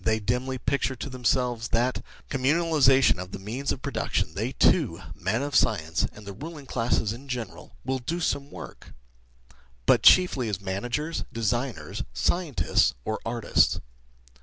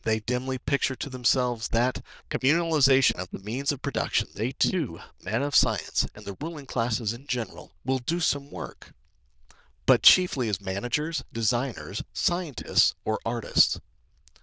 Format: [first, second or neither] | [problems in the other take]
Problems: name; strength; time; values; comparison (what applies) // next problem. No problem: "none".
first | noise reduction (neural diffusion model UNIVERSE++)